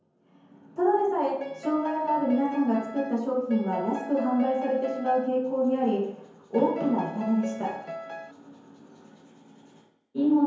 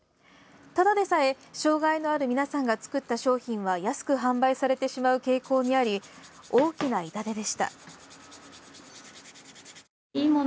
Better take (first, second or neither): second